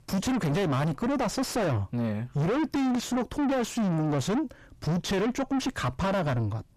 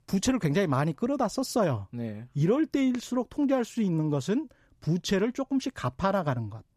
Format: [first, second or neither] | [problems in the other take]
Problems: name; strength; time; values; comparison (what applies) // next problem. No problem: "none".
second | distortion; heavy; 5 dB below the speech